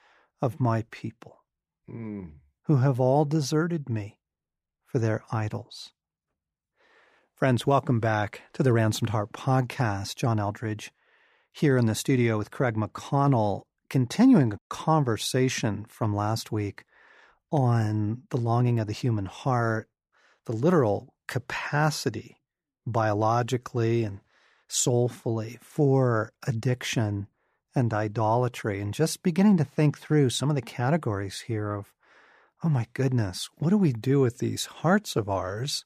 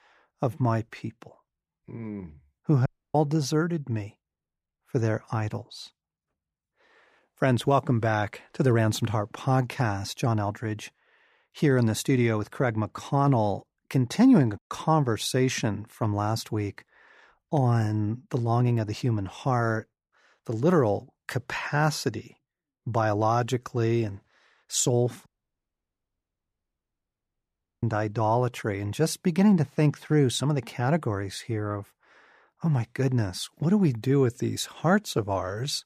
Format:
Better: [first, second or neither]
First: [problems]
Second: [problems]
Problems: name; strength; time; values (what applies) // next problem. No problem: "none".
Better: first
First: none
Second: audio cutting out; at 3 s and at 25 s for 2.5 s